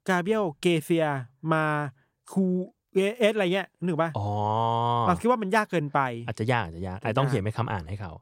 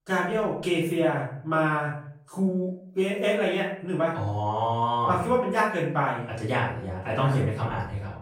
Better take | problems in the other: first | off-mic speech; far // room echo; noticeable; dies away in 0.5 s

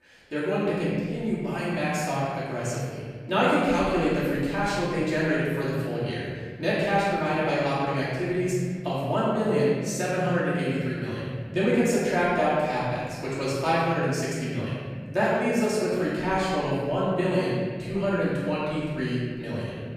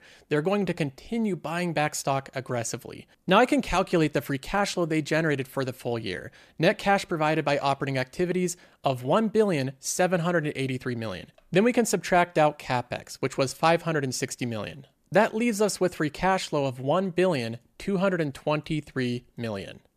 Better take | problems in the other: second | room echo; strong; dies away in 2.2 s // off-mic speech; far

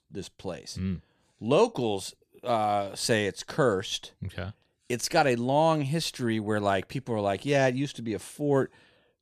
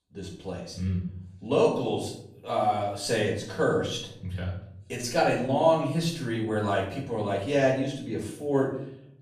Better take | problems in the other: first | off-mic speech; far // room echo; noticeable; dies away in 0.6 s

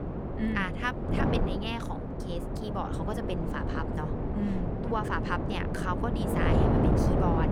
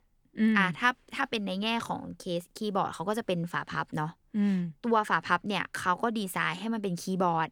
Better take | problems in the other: second | wind noise on the microphone; heavy; as loud as the speech

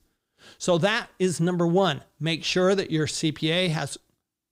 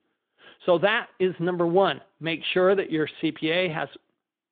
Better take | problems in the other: first | phone-call audio; nothing above 3.5 kHz

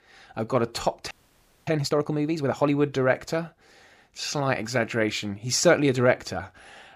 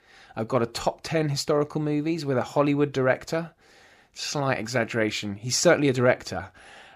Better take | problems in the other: second | audio freezing; at 1 s for 0.5 s

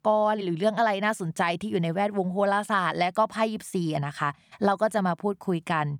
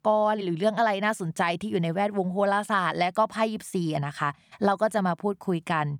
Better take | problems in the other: neither | none

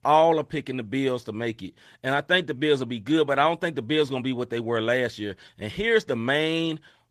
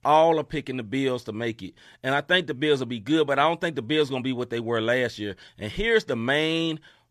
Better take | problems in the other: second | garbled, watery; slightly; nothing above 14.5 kHz

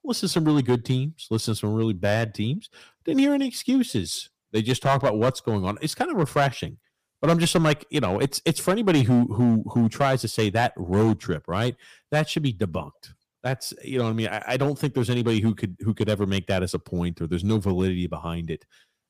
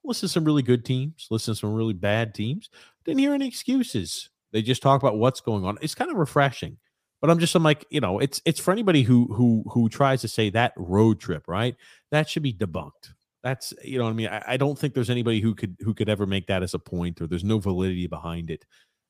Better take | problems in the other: second | distortion; slight; 3% of the sound clipped

